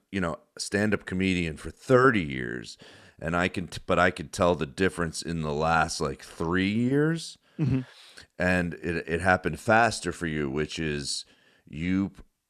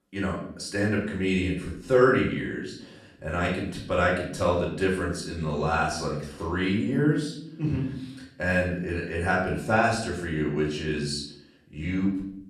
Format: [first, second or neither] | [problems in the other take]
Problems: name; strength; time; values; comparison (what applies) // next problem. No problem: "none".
first | off-mic speech; far // room echo; noticeable; dies away in 0.6 s